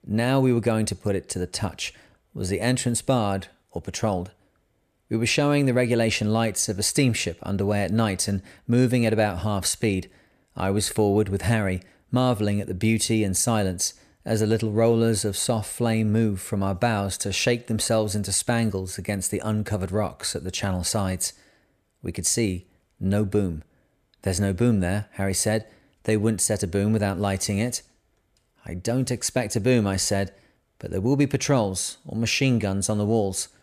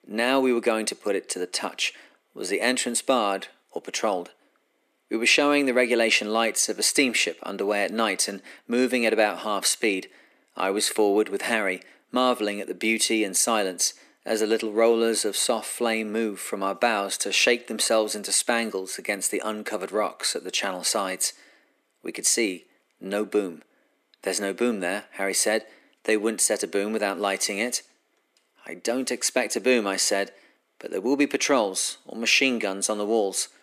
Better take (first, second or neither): first